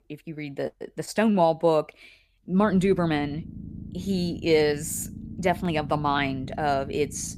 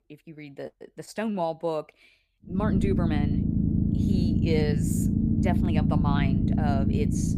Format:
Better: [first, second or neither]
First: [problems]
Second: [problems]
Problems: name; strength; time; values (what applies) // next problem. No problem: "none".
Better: first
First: low rumble; faint; from 2.5 s on; 20 dB below the speech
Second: low rumble; loud; from 2.5 s on; as loud as the speech